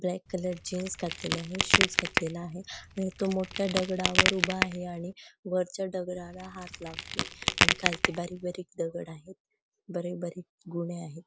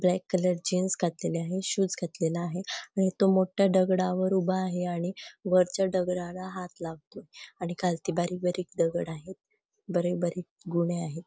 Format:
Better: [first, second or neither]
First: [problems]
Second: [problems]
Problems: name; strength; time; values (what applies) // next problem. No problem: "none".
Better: second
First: background sound (Crack); 4 dB above the speech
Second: none